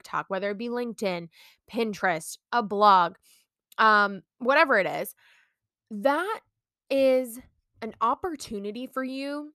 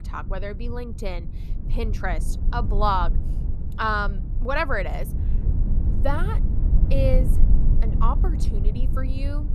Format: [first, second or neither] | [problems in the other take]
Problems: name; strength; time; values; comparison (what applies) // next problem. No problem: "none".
first | low rumble; noticeable; throughout; 15 dB below the speech